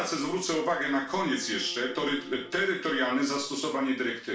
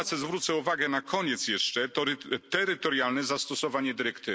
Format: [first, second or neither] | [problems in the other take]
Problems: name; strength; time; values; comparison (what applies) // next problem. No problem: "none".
second | background sound (Bowed string instrument); 19 dB below the speech // room echo; dies away in 0.3 s